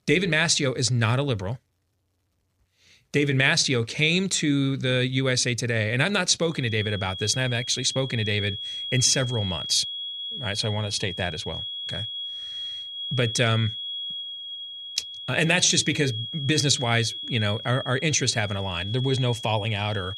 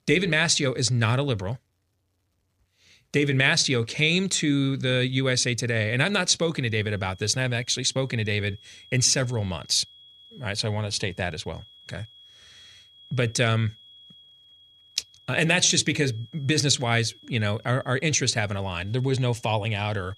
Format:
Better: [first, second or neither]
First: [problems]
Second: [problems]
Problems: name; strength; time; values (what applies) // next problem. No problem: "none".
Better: second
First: high-pitched whine; loud; from 6.5 s on; 3.5 kHz, 8 dB below the speech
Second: high-pitched whine; faint; from 6.5 s on; 3.5 kHz, 25 dB below the speech